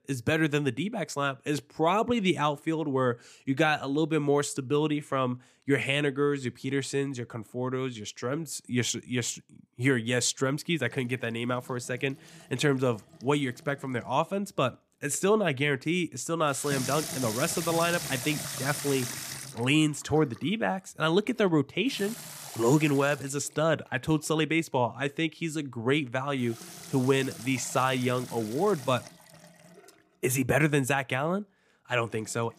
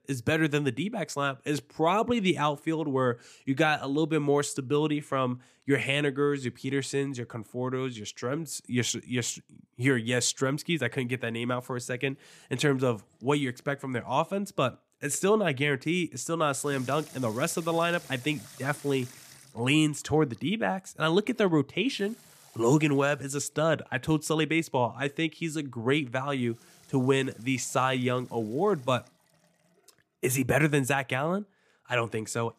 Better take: second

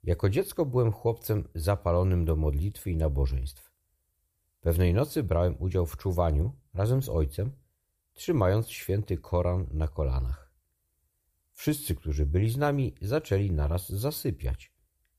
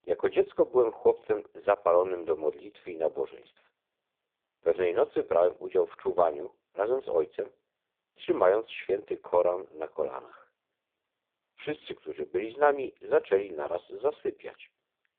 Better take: first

